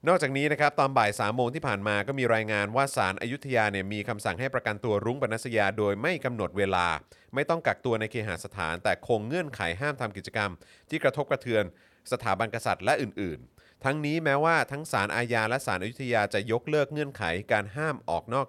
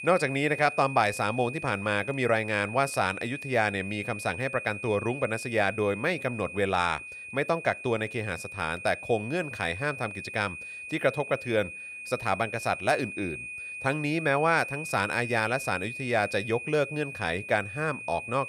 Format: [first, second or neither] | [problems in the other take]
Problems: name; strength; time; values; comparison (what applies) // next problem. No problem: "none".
first | high-pitched whine; loud; throughout; 2.5 kHz, 9 dB below the speech